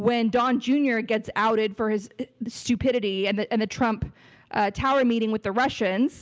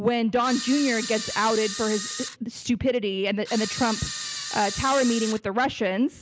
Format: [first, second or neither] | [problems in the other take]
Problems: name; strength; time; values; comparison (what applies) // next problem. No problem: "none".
first | background sound (Camera); 8 dB below the speech